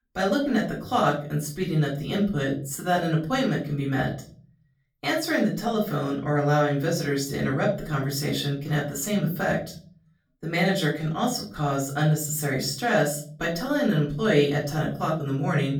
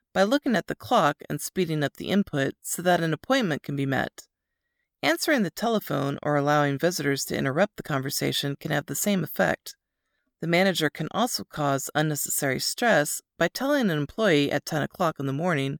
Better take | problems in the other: second | off-mic speech; far // room echo; slight; dies away in 0.6 s

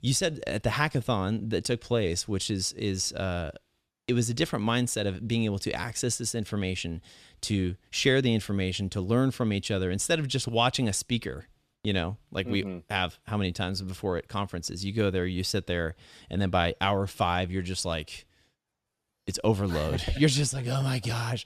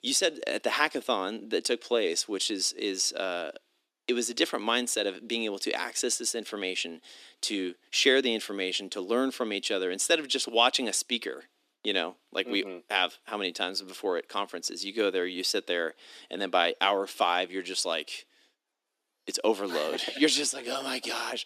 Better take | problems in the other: first | thin; somewhat; fading below 250 Hz

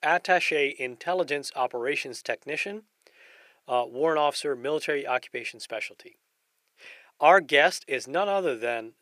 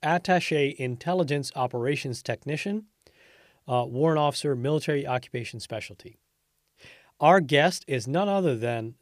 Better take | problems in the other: second | thin; somewhat; fading below 450 Hz

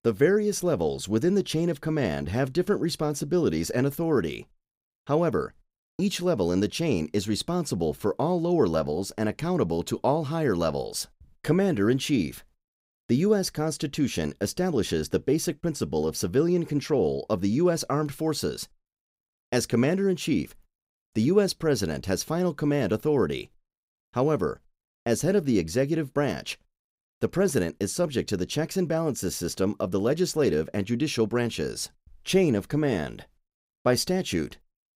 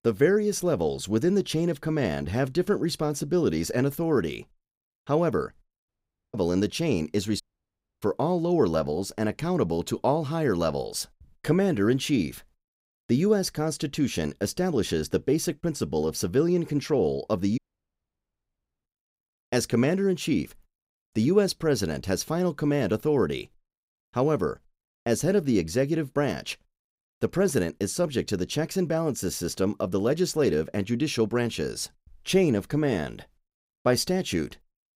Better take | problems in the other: first | audio cutting out; at 6 s, at 7.5 s for 0.5 s and at 18 s for 1.5 s

